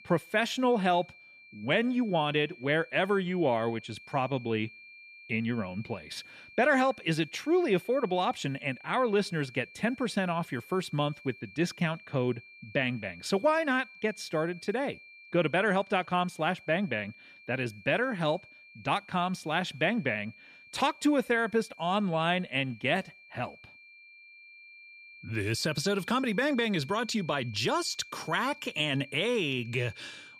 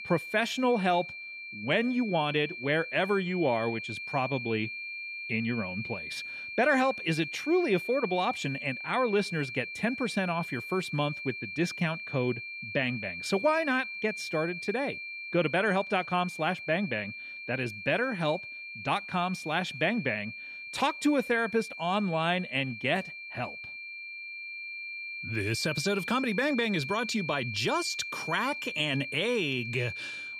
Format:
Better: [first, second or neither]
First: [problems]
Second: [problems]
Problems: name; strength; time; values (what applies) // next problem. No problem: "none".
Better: first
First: high-pitched whine; faint; throughout; 2.5 kHz, 20 dB below the speech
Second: high-pitched whine; loud; throughout; 2.5 kHz, 8 dB below the speech